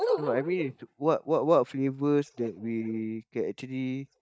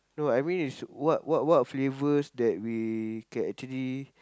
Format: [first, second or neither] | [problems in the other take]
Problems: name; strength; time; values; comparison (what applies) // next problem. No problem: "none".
second | noise reduction (neural mask model DeepFilterNet 3)